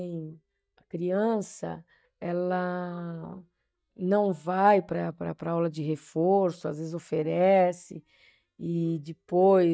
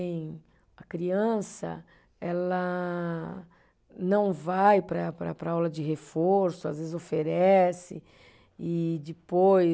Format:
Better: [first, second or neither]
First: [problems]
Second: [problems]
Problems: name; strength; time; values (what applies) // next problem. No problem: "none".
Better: second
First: noise reduction (neural mask model DeepFilterNet 3)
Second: none